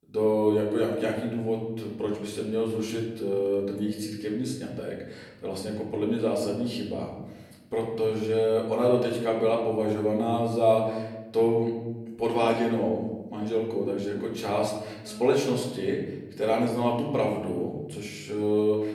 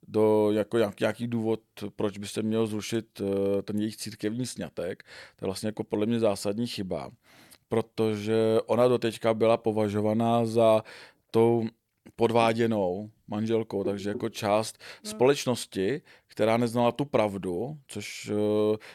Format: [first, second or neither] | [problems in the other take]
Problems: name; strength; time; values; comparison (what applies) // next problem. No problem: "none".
second | room echo; noticeable; dies away in 1 s // off-mic speech; far